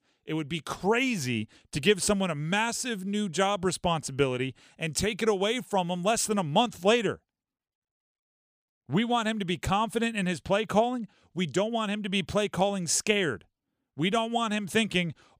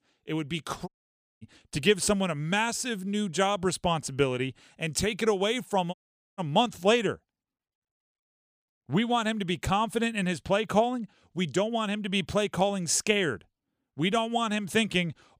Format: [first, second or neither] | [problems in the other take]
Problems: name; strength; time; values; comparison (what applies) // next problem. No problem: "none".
first | audio cutting out; at 1 s for 0.5 s and at 6 s